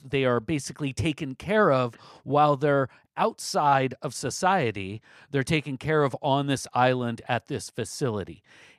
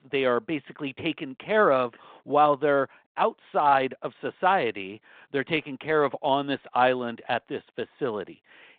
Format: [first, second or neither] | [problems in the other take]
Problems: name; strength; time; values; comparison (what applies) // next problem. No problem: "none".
first | phone-call audio; nothing above 3.5 kHz